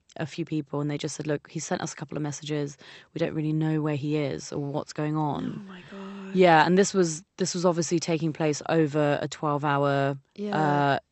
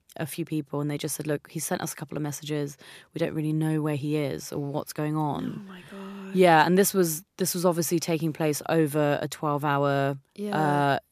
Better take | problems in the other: second | garbled, watery; slightly; nothing above 8 kHz

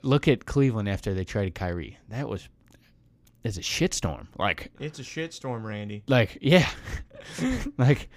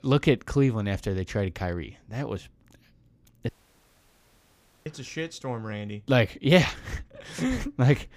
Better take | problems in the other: first | audio cutting out; at 3.5 s for 1.5 s

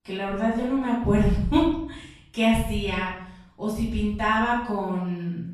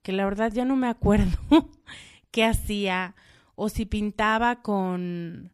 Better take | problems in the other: second | off-mic speech; far // room echo; noticeable; dies away in 0.7 s

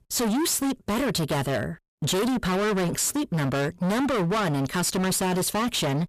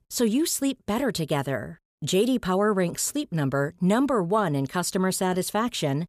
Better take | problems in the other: second | distortion; heavy; 39% of the sound clipped

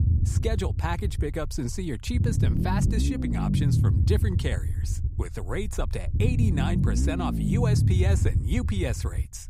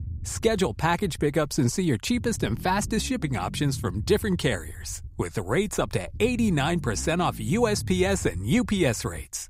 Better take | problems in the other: second | low rumble; loud; throughout; 3 dB below the speech; faint in the second

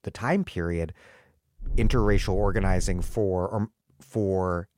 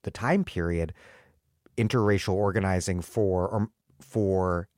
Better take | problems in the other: second | low rumble; faint; from 1.5 to 3 s; 20 dB below the speech

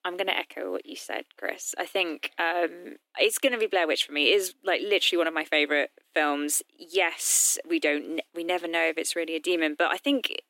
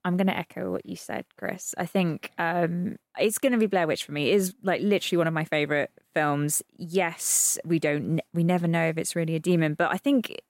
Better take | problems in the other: second | thin; somewhat; fading below 300 Hz

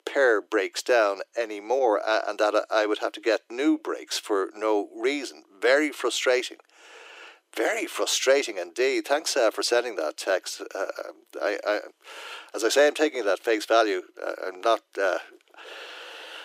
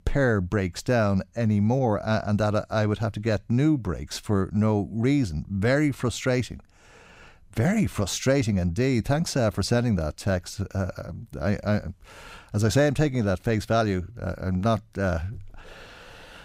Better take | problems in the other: second | thin; very; fading below 300 Hz

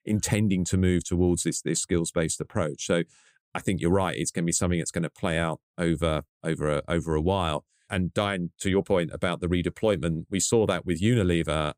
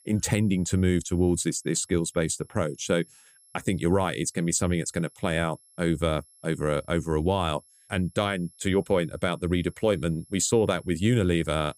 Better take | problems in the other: first | high-pitched whine; faint; throughout; 11 kHz, 30 dB below the speech

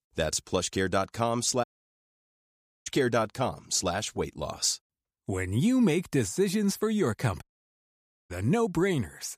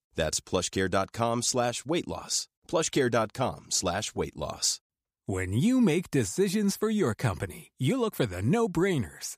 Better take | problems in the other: second | audio cutting out; at 1.5 s for 1 s and at 7.5 s for 1 s

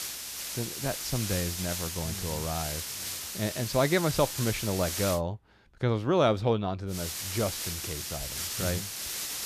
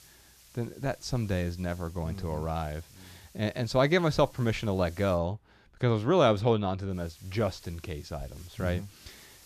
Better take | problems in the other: second | hiss; loud; until 5 s and from 7 s on; 3 dB below the speech; faint in the second

